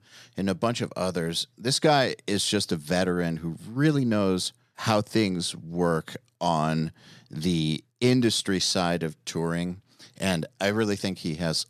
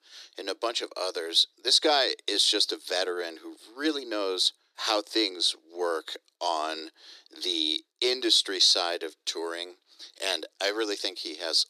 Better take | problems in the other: first | thin; very; fading below 300 Hz

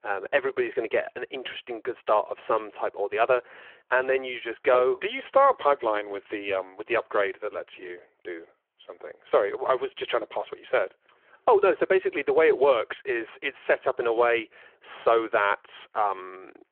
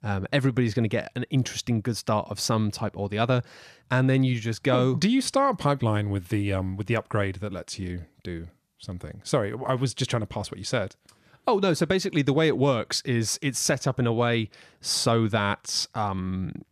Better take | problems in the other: second | phone-call audio

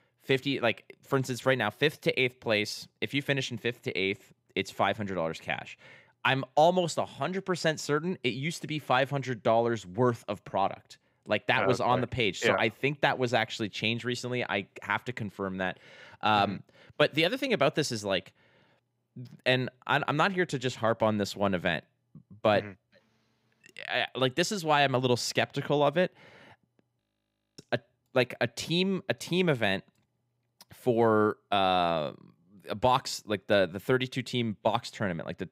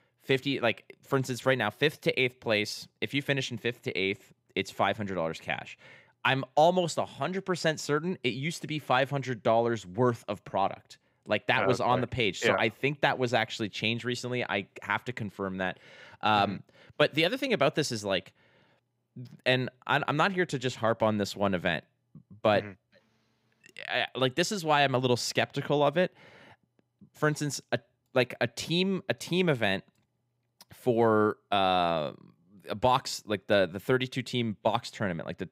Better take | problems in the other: second | audio freezing; at 27 s for 0.5 s

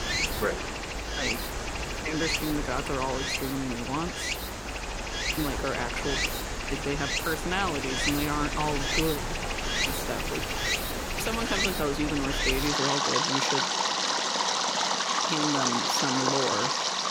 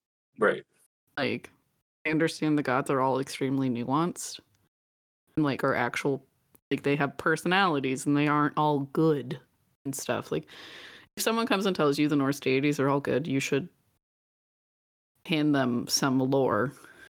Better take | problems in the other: second | rain or running water; very loud; throughout; 4 dB above the speech

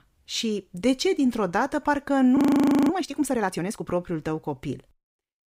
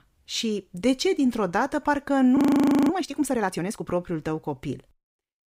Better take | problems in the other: neither | audio freezing; at 2.5 s for 0.5 s; the same in both

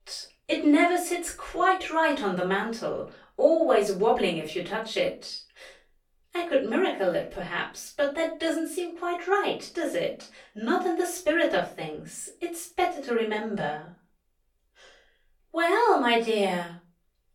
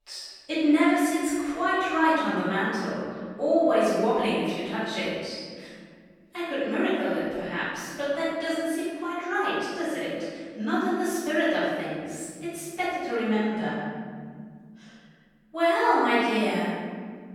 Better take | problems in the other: first | room echo; strong; dies away in 2.2 s; slight in the first // off-mic speech; far; far in the first

